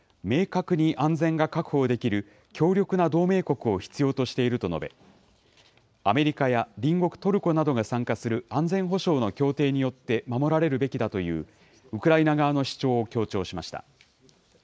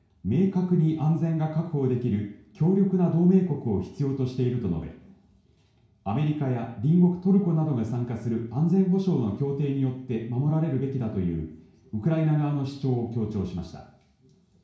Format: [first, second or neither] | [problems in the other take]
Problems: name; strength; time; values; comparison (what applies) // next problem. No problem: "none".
first | room echo; dies away in 0.6 s